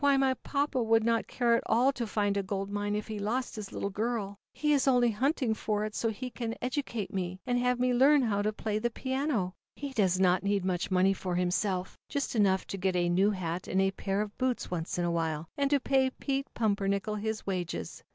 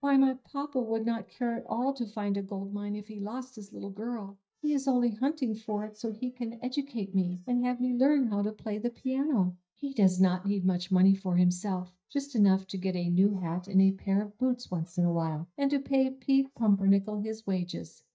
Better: first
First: none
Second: noise reduction (neural mask model DeepFilterNet 3)

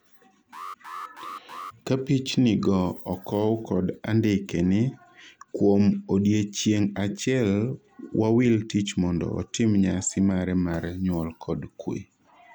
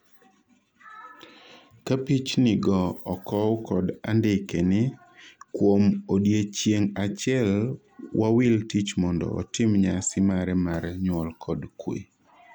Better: second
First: background sound (Alarm); 15 dB below the speech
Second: none

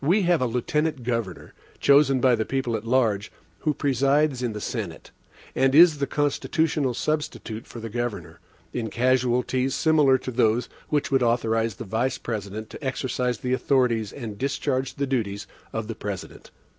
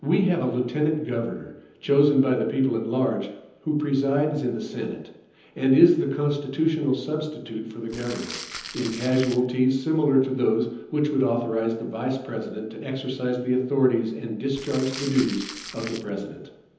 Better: first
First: none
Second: background sound (Crumpling, crinkling); 14 dB below the speech // room echo; dies away in 0.9 s

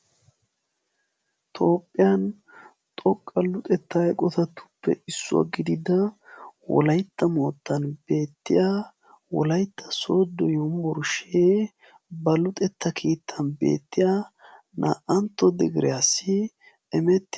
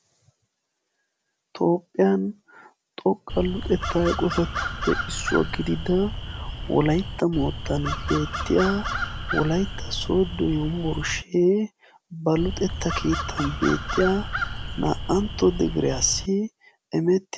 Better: first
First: none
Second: background sound (Crow); 5 dB below the speech

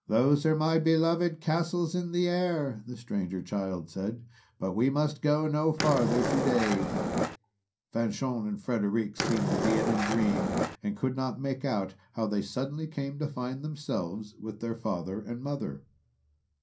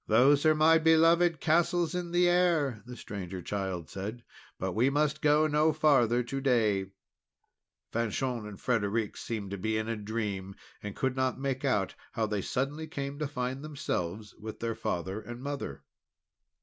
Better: second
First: background sound (Skateboard); as loud as the speech // room echo; dies away in 0.3 s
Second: none

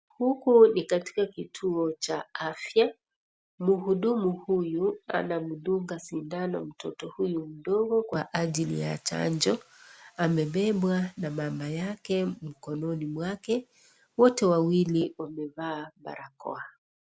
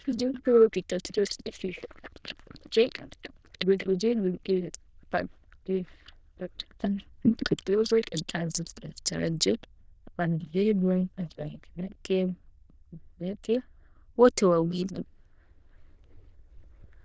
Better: first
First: none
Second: noise reduction (neural diffusion model UNIVERSE++)

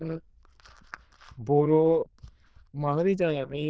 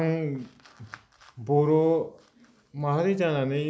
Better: second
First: noise reduction (neural diffusion model UNIVERSE++)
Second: none

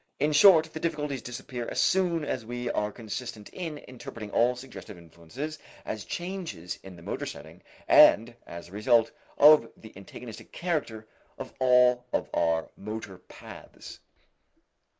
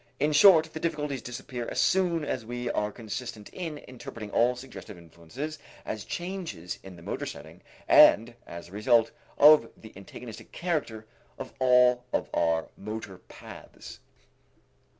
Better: second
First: noise reduction (neural mask model Resemble Enhance denoiser)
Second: none

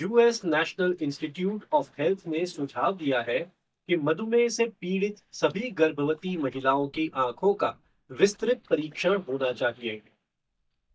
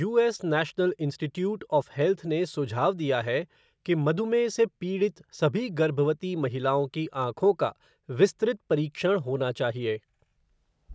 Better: second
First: noise reduction (neural mask model DeepFilterNet 3)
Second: none

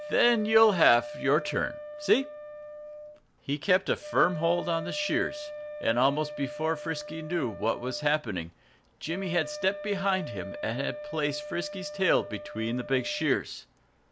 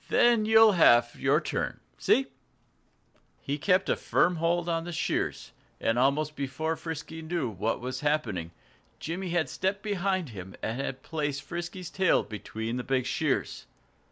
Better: second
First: background sound (Wind instrument, woodwind instrument); 12 dB below the speech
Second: none

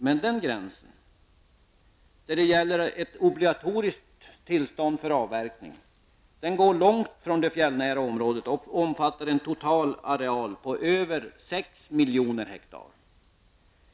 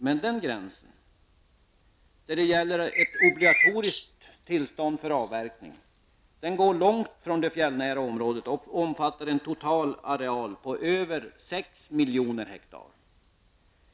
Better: first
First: none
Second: background sound (Bird); 2 dB above the speech

